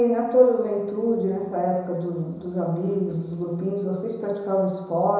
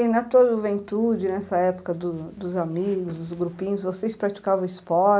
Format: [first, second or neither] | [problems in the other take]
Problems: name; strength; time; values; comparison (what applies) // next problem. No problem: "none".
second | room echo; dies away in 1 s